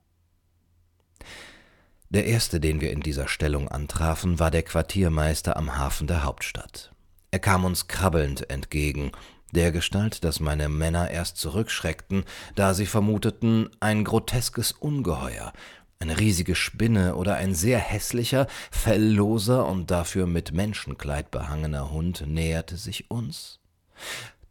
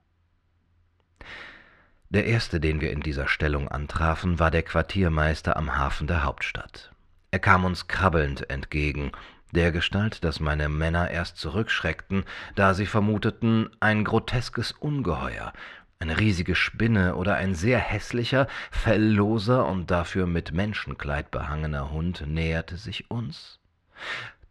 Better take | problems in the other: first | muffled; slightly; fading above 3.5 kHz

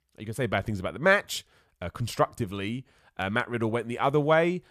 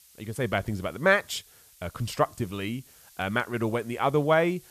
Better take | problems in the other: first | hiss; faint; throughout; 25 dB below the speech

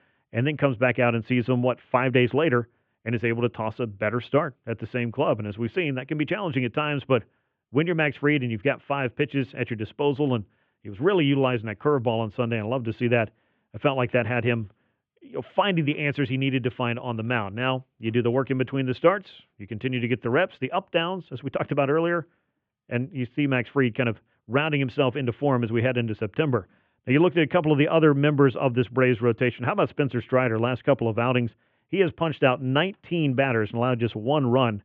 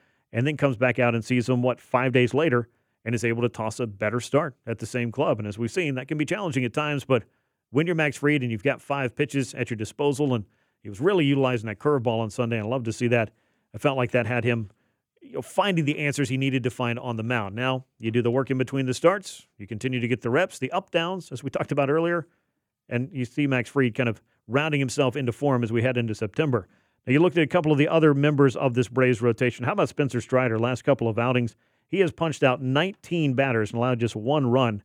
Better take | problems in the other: second | muffled; very; fading above 3.5 kHz

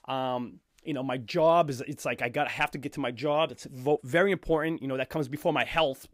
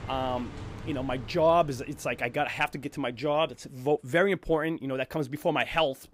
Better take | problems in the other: first | traffic noise; noticeable; throughout; 15 dB below the speech

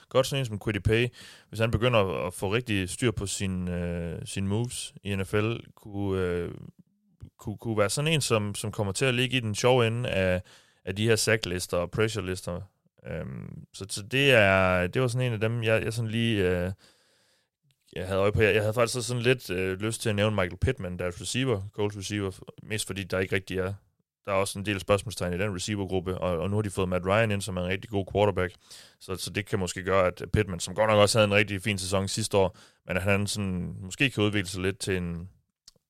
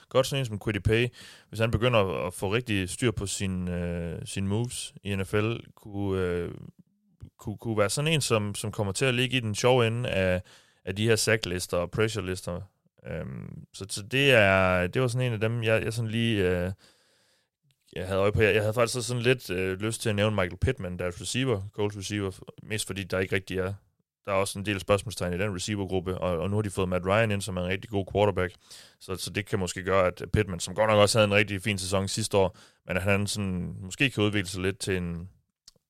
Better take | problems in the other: neither | none

